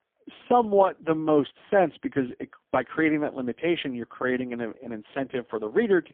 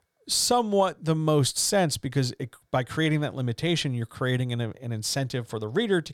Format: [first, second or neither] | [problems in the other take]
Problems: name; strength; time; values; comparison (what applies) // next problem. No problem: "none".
second | phone-call audio; poor line; nothing above 3.5 kHz